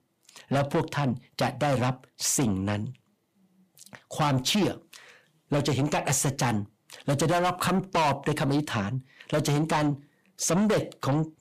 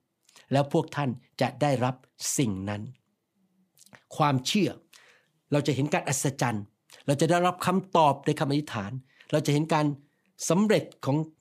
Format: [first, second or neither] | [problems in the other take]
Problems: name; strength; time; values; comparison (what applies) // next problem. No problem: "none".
second | distortion; heavy; 6 dB below the speech